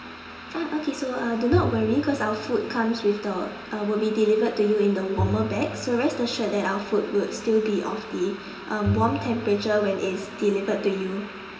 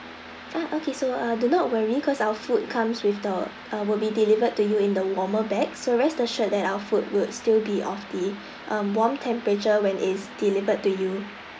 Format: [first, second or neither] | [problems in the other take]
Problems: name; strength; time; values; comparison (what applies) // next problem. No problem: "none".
second | background sound (Bowed string instrument); 9 dB below the speech // room echo; dies away in 1.6 s